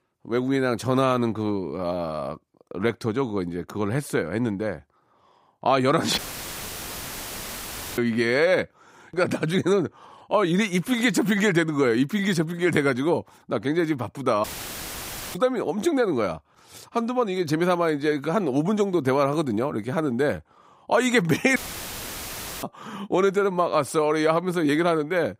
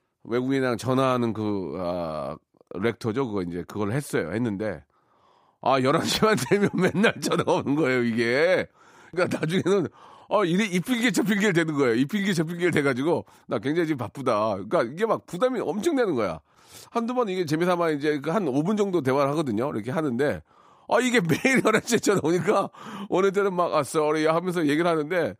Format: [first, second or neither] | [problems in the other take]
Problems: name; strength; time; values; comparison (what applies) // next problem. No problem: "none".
second | audio cutting out; filled with static; at 6 s for 2 s, at 14 s for 1 s and at 22 s for 1 s